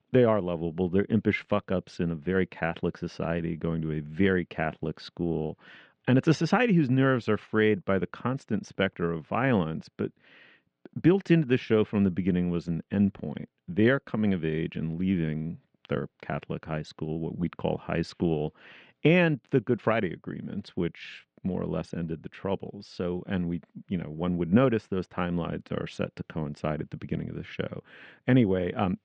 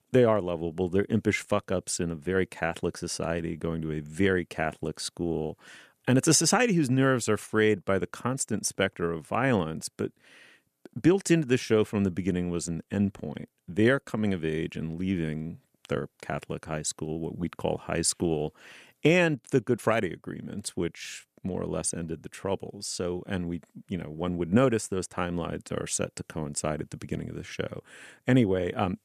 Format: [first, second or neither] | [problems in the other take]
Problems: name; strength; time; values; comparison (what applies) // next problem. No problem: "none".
second | muffled; very; fading above 3.5 kHz